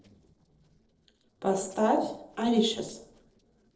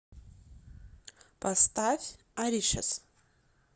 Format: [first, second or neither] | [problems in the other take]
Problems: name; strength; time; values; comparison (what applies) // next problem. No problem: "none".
second | noise reduction (neural separator model SepFormer DNS4)